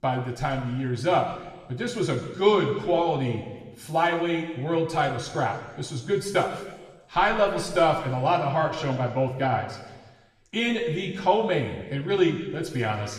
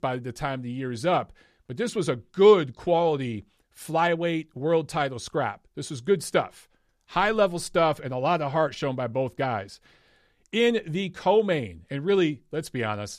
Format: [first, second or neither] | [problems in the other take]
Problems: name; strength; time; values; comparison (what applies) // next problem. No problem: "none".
second | room echo; noticeable; dies away in 1.2 s // off-mic speech; somewhat distant